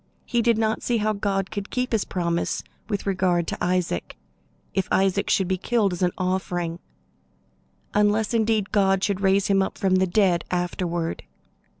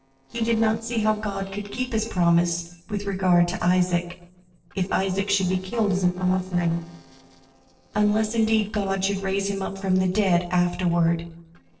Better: first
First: none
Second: noise reduction (neural separator model SepFormer DNS4)

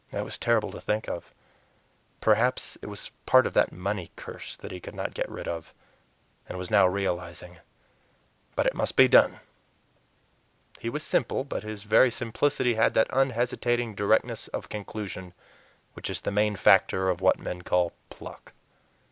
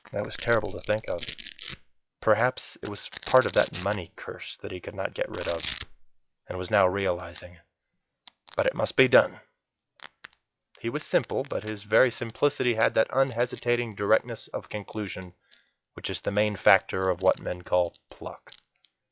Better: first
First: none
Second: noise reduction (classical method log-MMSE)

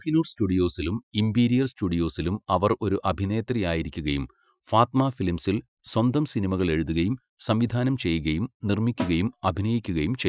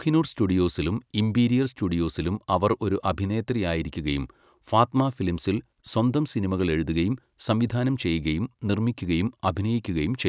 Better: second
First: noise reduction (classical method Wiener filter)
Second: none

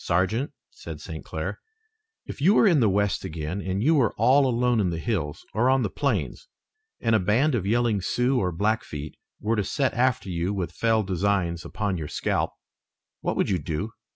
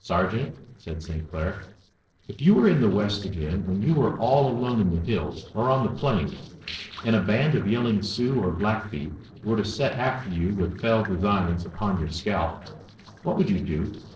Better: first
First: none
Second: noise reduction (neural separator model SepFormer DNS4)

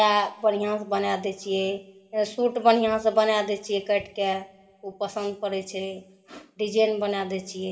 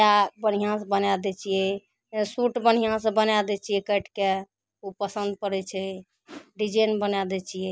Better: second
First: room echo; dies away in 1.6 s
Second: none

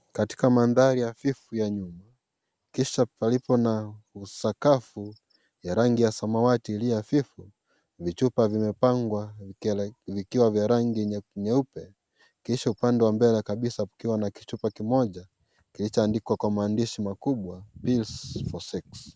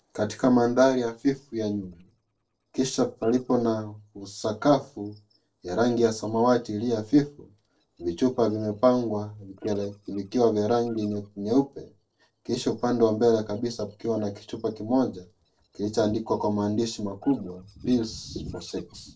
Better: first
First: none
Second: noise reduction (neural separator model SepFormer DNS4)

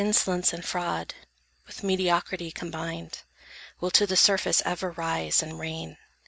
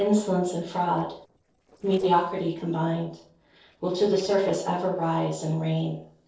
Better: first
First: none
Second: noise reduction (neural separator model SepFormer DNS4)

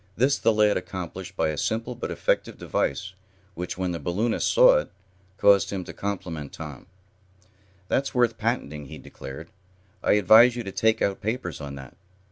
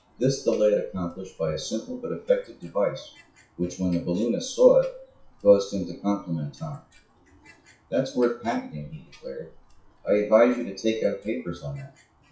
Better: first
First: none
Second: noise reduction (classical method WPE with log-MMSE)

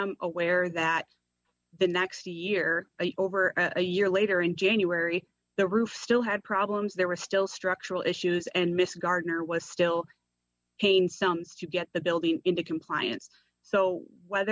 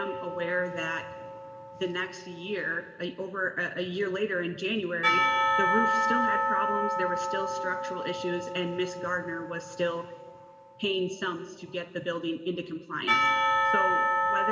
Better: first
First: none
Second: background sound (Church bell / Percussion); 2 dB above the speech // room echo; dies away in 1.7 s

